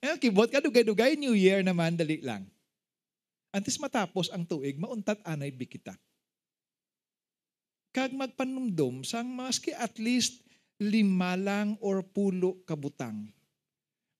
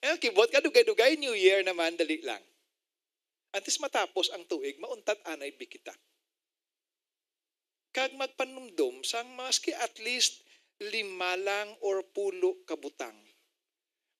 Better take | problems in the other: first | thin; very; fading below 300 Hz

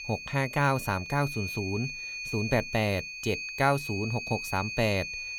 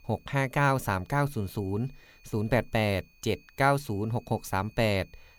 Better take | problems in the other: second | high-pitched whine; loud; throughout; 2.5 kHz, 6 dB below the speech; faint in the second

